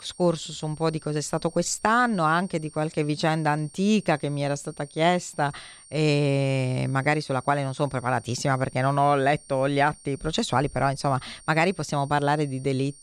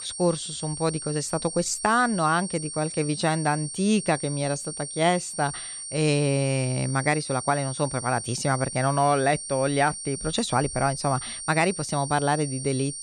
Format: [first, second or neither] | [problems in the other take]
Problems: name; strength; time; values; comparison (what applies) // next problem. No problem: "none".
first | high-pitched whine; loud; throughout; 9 kHz, 8 dB below the speech; faint in the first